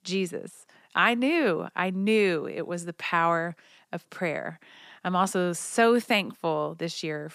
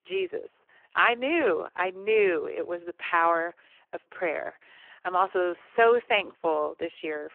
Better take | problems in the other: first | phone-call audio; poor line

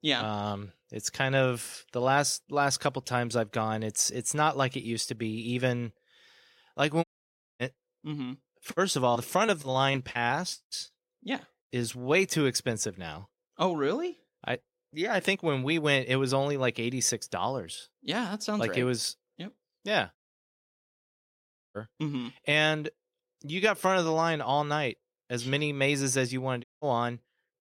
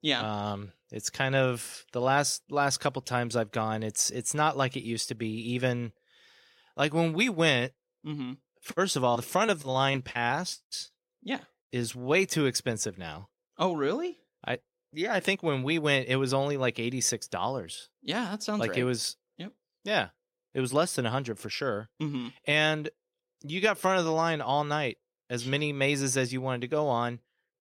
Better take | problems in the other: second | audio cutting out; at 7 s for 0.5 s, at 20 s for 1.5 s and at 27 s

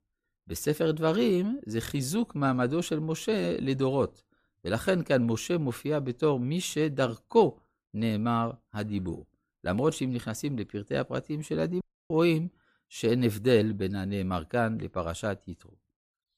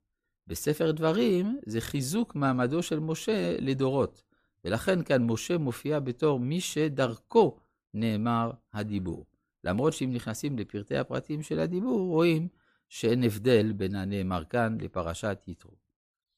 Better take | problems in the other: second | audio cutting out; at 12 s

